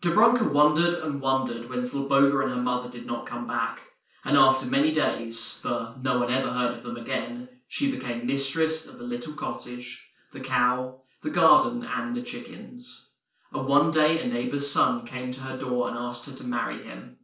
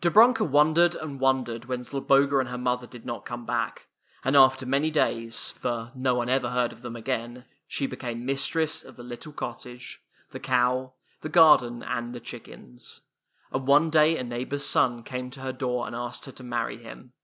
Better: second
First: room echo; dies away in 0.4 s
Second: none

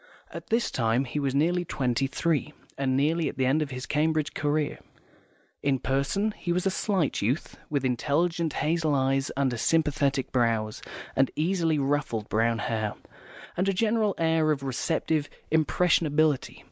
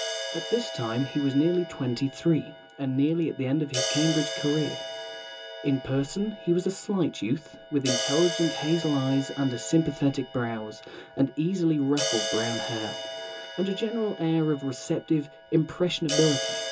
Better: first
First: none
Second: background sound (Crash cymbal); 8 dB below the speech // room echo; dies away in 0.2 s

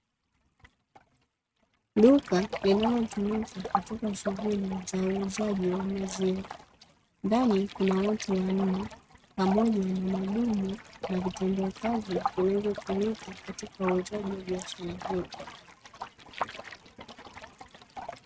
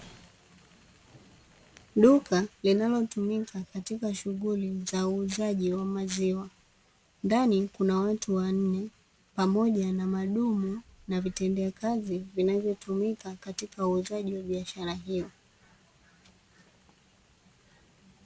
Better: second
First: noise reduction (neural mask model RNNoise)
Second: none

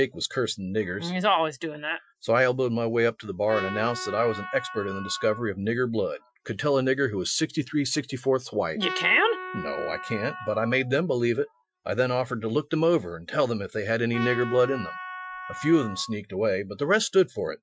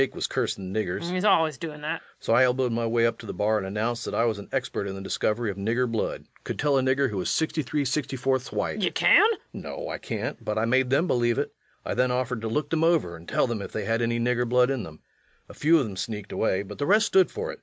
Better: second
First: noise reduction (classical method Wiener filter)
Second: none

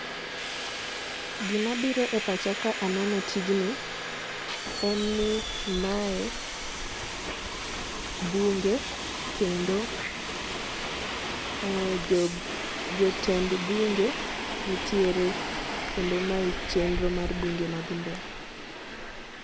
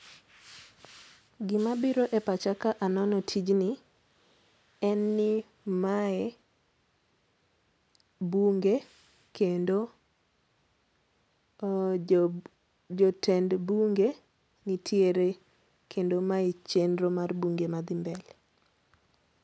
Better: second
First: background sound (Subway, metro, underground); 3 dB below the speech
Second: none

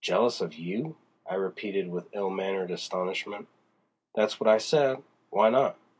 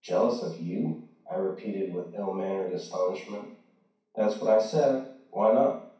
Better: first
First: none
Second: room echo; dies away in 0.6 s

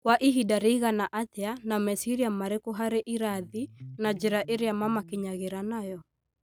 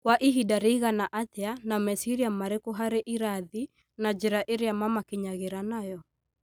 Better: second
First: background sound (Electric guitar); 19 dB below the speech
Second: none

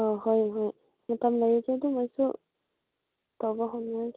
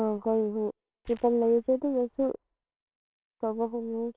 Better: first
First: none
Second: noise reduction (neural separator model SepFormer WHAMR!)

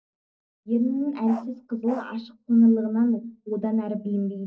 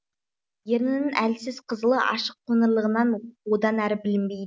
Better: second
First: noise reduction (neural separator model SepFormer DNS4)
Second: none

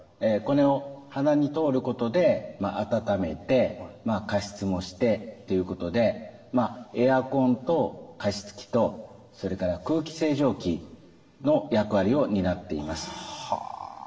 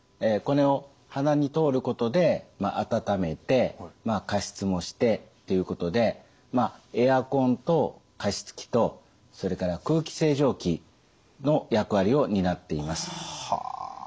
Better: second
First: room echo; dies away in 1.4 s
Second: none

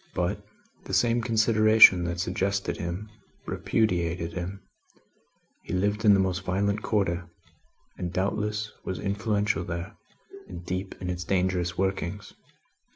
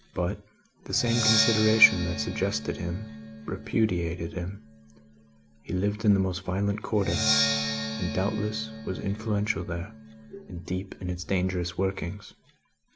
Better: first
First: none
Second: background sound (Percussion); 6 dB below the speech

